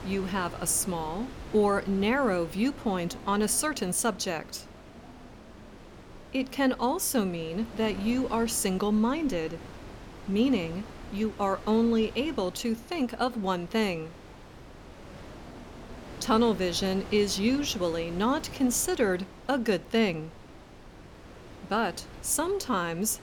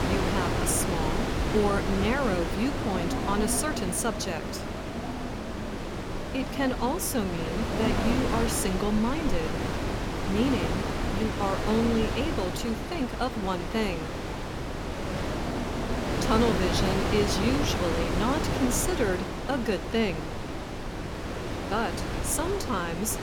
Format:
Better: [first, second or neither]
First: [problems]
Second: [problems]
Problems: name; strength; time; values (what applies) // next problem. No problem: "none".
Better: first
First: wind noise on the microphone; occasional gusts; 15 dB below the speech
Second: wind noise on the microphone; heavy; 2 dB below the speech